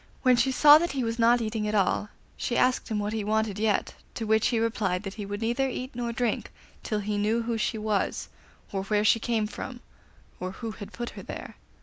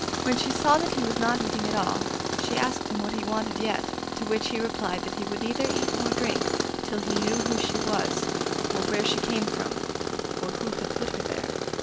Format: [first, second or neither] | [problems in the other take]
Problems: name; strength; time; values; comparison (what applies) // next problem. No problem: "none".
first | background sound (Tools); 2 dB above the speech